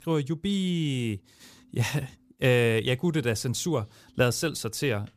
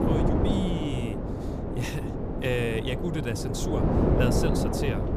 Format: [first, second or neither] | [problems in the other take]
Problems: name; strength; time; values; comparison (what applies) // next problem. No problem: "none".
first | wind noise on the microphone; heavy; 1 dB above the speech